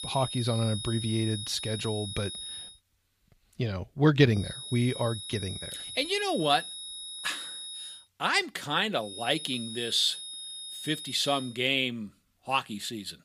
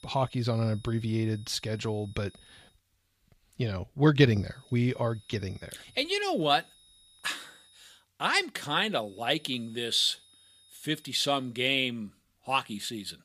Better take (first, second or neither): second